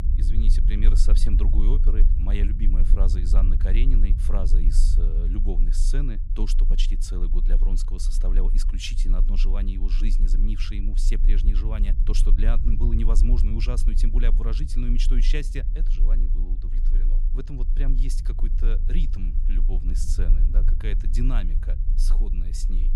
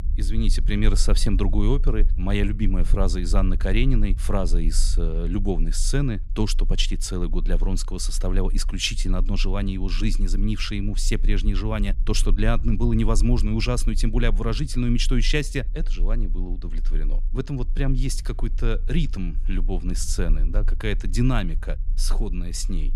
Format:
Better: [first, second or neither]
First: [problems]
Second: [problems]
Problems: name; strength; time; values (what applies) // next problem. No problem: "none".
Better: second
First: low rumble; loud; throughout; 8 dB below the speech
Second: low rumble; faint; throughout; 20 dB below the speech